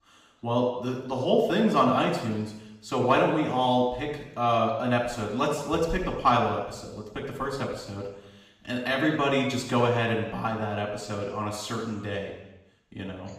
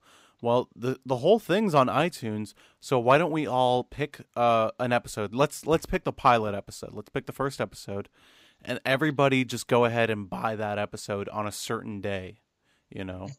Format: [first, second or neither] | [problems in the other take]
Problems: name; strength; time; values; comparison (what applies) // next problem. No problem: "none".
second | room echo; noticeable; dies away in 0.9 s // off-mic speech; far